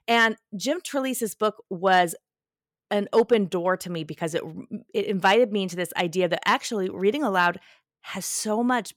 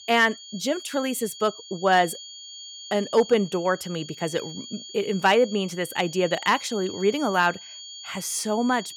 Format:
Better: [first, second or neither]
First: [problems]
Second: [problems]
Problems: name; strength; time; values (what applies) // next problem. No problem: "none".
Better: first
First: none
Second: high-pitched whine; noticeable; throughout; 3.5 kHz, 15 dB below the speech